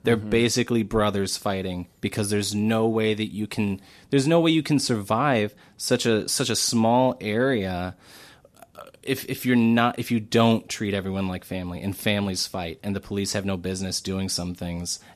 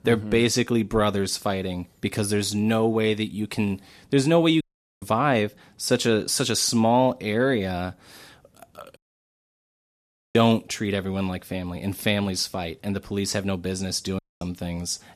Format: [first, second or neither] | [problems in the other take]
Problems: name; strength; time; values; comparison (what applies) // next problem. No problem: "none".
first | audio cutting out; at 4.5 s, at 9 s for 1.5 s and at 14 s